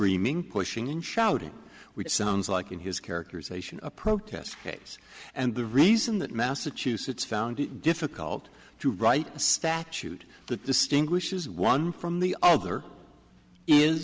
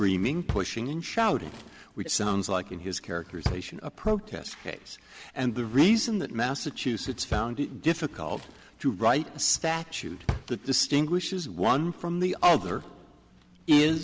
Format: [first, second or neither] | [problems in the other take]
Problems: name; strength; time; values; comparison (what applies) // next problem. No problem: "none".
first | background sound (Drawer open or close); 13 dB below the speech